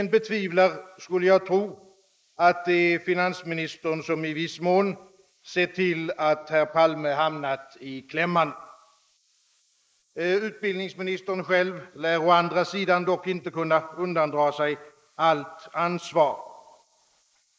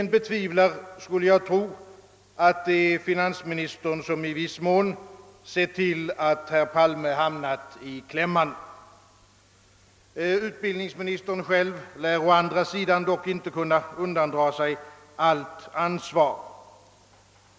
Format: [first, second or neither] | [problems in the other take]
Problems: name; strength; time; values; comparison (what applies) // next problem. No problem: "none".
second | noise reduction (neural mask model Resemble Enhance denoiser)